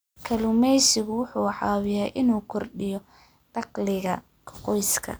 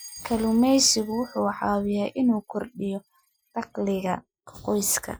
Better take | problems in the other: first | noise reduction (classical method Wiener filter)

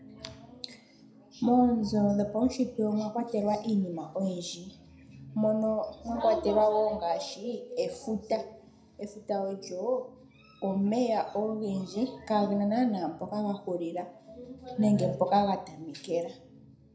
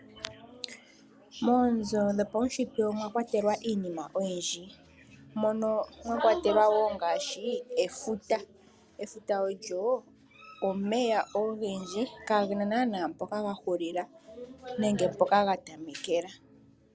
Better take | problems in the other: second | room echo; dies away in 0.4 s

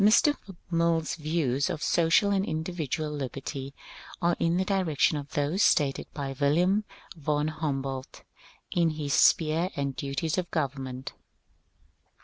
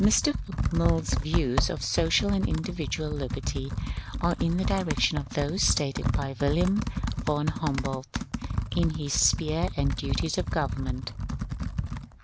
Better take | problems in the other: first | background sound (Computer keyboard); 1 dB below the speech

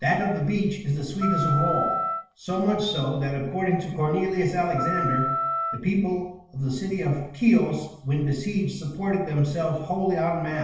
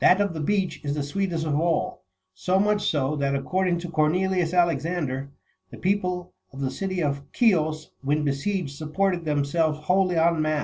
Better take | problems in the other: second | background sound (Wind instrument, woodwind instrument); 4 dB below the speech // room echo; dies away in 0.7 s

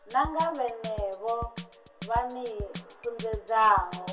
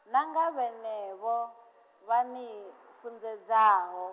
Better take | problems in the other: second | background sound (Drum kit); 12 dB below the speech // room echo; dies away in 0.2 s

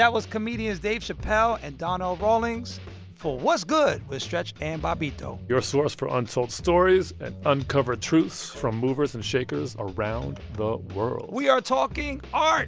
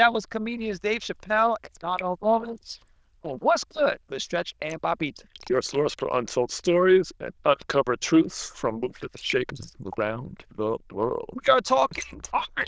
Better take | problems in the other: first | noise reduction (neural diffusion model UNIVERSE++)

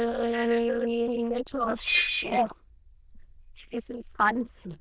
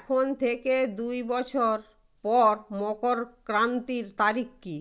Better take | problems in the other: second | noise reduction (neural diffusion model UNIVERSE++)

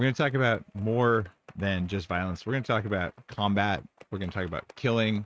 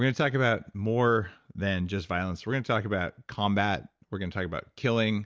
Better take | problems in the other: second | noise reduction (neural mask model RNNoise)

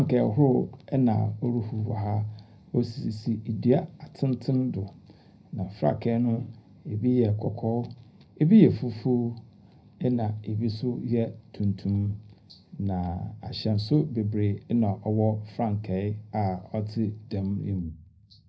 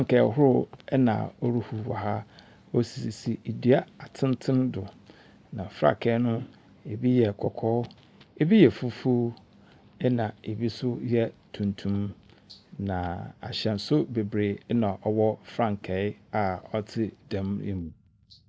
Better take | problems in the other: second | room echo; dies away in 0.4 s

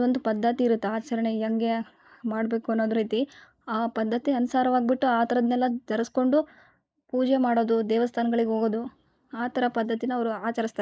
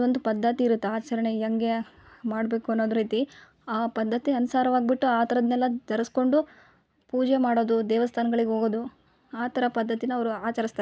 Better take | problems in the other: second | noise reduction (neural mask model Resemble Enhance denoiser)

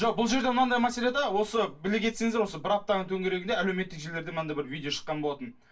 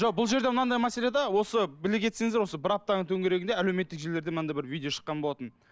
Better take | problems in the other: second | room echo; dies away in 0.2 s

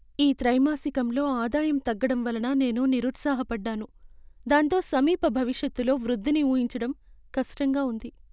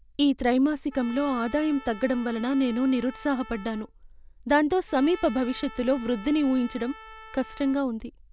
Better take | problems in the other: first | background sound (Trumpet); 19 dB below the speech

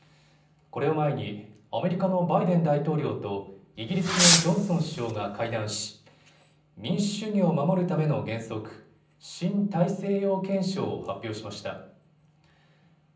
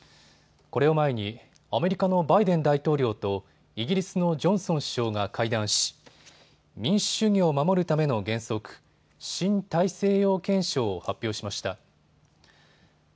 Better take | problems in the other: second | background sound (Fireworks); 2 dB above the speech // room echo; dies away in 0.6 s

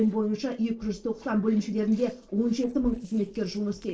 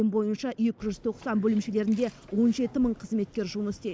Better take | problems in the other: second | noise reduction (neural separator model SepFormer DNS4)

